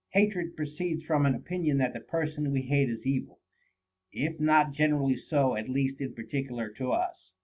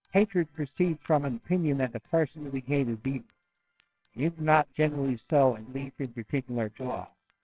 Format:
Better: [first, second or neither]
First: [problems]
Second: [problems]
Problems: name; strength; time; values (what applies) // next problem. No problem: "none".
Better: first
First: none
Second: noise reduction (neural separator model SepFormer WHAMR!)